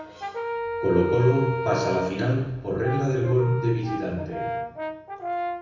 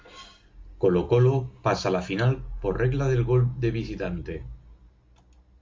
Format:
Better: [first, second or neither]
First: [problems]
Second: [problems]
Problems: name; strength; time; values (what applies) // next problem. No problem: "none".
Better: second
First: background sound (Brass instrument); 6 dB below the speech // room echo; dies away in 0.9 s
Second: none